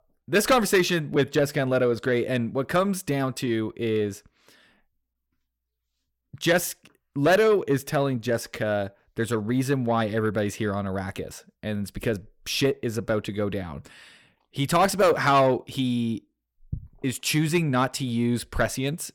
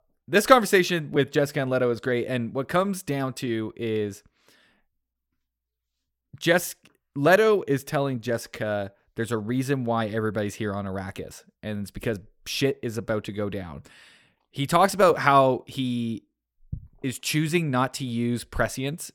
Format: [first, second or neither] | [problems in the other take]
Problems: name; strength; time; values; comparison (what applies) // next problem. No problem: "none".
second | distortion; slight; 10 dB below the speech